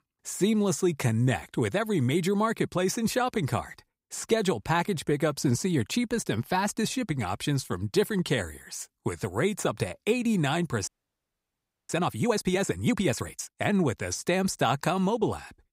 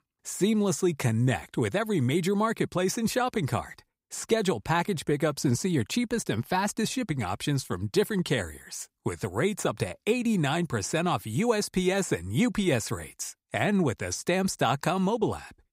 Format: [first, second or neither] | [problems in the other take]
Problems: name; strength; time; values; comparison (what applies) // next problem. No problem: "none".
second | audio freezing; at 11 s for 1 s